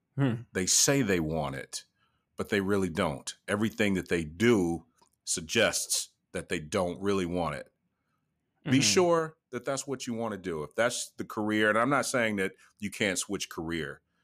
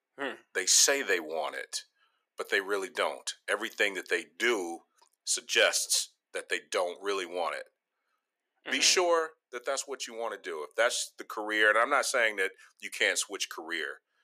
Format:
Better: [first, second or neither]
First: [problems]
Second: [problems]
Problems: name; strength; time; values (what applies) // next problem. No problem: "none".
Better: first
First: none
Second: thin; very; fading below 400 Hz